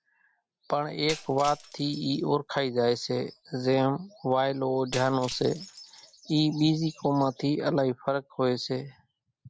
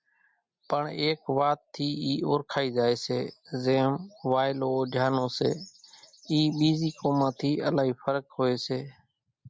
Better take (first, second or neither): second